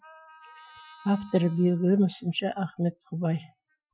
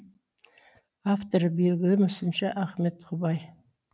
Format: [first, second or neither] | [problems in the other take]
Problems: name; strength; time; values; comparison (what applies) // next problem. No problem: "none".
second | noise reduction (classical method Wiener filter)